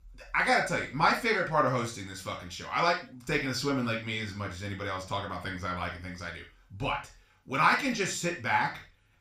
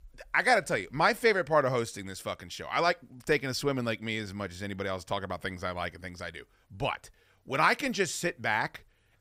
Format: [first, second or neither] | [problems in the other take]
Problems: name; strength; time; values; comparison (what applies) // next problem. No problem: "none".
second | room echo; slight; dies away in 0.3 s // off-mic speech; somewhat distant